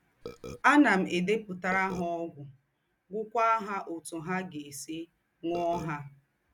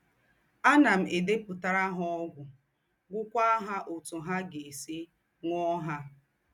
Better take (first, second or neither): second